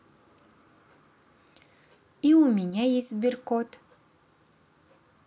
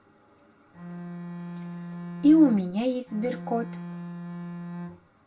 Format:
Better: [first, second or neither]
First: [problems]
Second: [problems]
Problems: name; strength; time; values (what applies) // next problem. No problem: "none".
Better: first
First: none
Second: background sound (Bowed string instrument); 10 dB below the speech // room echo; dies away in 0.2 s